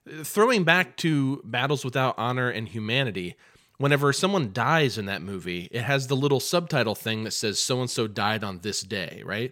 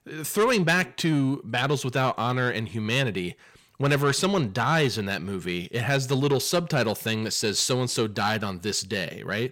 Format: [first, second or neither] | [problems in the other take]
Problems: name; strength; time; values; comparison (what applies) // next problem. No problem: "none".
first | distortion; slight; 10 dB below the speech